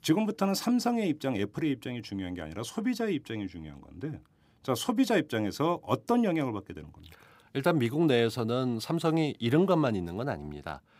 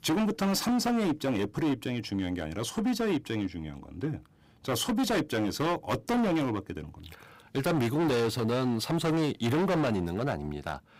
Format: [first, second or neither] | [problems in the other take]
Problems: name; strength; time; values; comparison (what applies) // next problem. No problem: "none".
first | distortion; heavy; 18% of the sound clipped